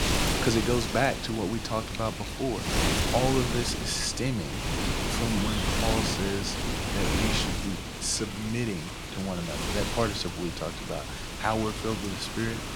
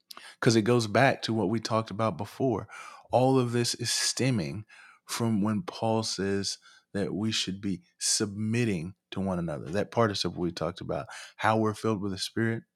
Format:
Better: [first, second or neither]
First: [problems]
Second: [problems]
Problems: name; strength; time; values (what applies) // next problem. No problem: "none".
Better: second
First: wind noise on the microphone; heavy; as loud as the speech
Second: none